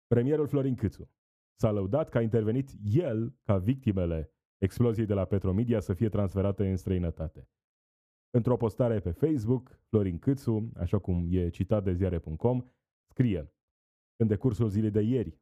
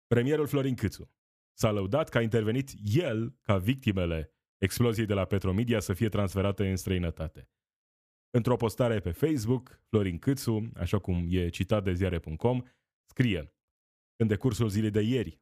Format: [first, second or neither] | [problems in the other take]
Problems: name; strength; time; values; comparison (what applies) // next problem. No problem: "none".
second | muffled; slightly; fading above 1.5 kHz